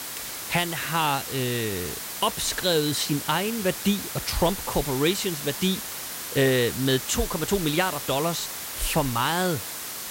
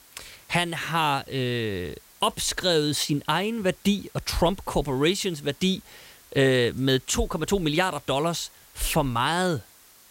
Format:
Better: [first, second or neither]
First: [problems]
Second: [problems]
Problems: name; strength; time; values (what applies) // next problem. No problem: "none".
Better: second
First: hiss; loud; throughout; 6 dB below the speech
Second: hiss; faint; throughout; 25 dB below the speech